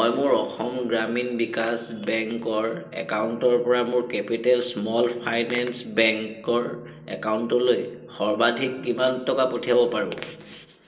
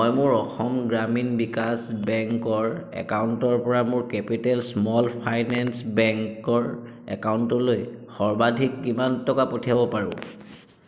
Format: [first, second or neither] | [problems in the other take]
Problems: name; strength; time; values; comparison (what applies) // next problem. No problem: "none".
second | room echo; dies away in 0.2 s